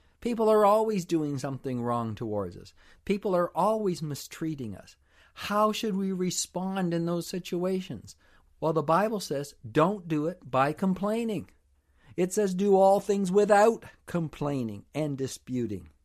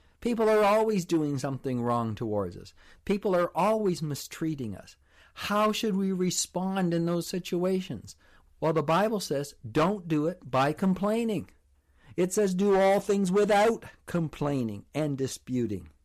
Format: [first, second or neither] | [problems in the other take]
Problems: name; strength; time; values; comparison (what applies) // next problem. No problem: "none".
first | distortion; slight; 5% of the sound clipped